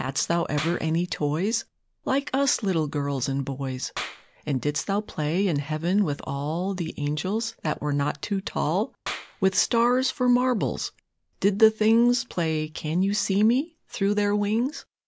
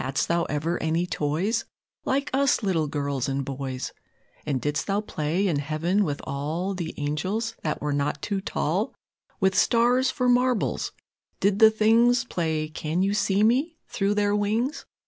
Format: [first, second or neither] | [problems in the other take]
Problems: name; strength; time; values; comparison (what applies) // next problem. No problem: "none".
second | background sound (Clapping); 19 dB below the speech